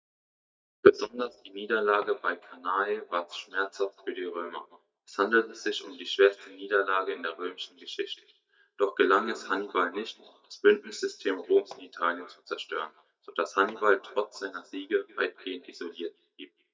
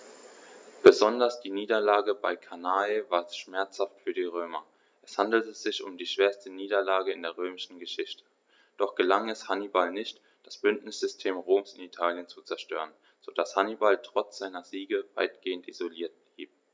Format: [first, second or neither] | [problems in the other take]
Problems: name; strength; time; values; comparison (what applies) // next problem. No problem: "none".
second | noise reduction (neural mask model DeepFilterNet 3)